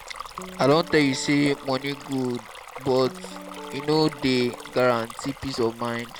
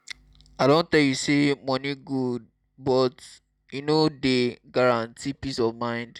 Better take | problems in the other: second | background sound (Stream + Guitar); 14 dB below the speech

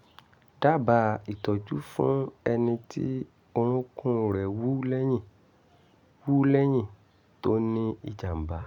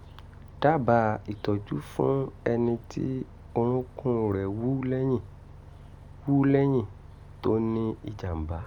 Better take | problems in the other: first | background sound (Bus); 19 dB below the speech

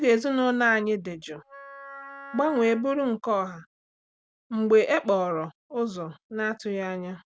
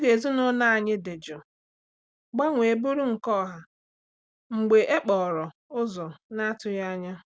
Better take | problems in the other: second | background sound (Wind instrument, woodwind instrument); 17 dB below the speech

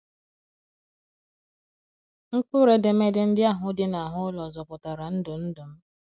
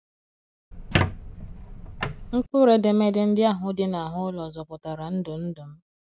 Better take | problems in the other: first | background sound (Squeak); 4 dB below the speech

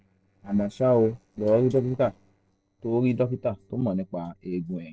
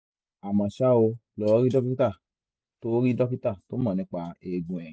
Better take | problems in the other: second | noise reduction (neural separator model SepFormer DNS4)

